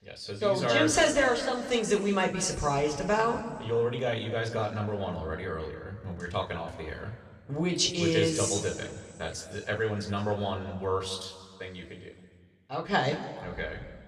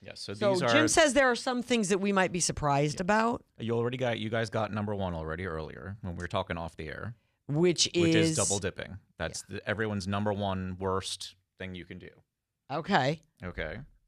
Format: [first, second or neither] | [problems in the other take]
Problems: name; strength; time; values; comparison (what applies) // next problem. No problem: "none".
second | room echo; slight; dies away in 1.7 s // off-mic speech; somewhat distant